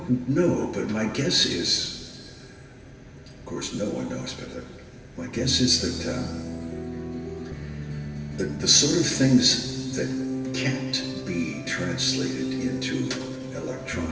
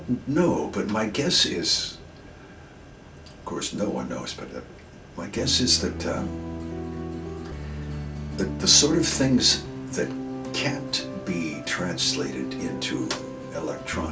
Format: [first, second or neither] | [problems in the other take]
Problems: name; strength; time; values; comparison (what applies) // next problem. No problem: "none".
second | room echo; dies away in 2.1 s